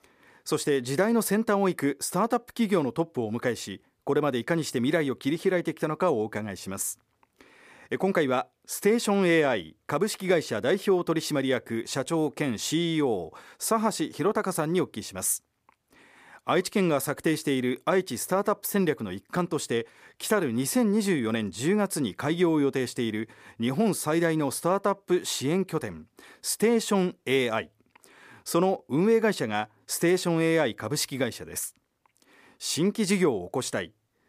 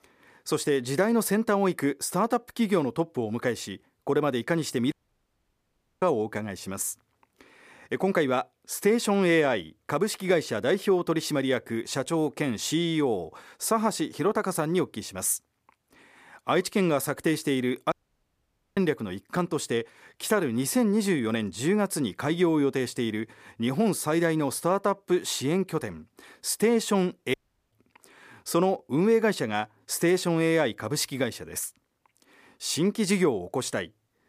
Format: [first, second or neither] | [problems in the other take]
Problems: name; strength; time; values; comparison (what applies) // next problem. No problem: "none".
first | audio cutting out; at 5 s for 1 s, at 18 s for 1 s and at 27 s